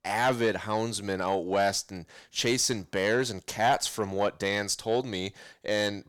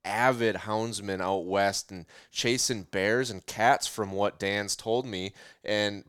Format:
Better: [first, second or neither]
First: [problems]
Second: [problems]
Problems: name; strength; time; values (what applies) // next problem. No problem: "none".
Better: second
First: distortion; slight; 10 dB below the speech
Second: none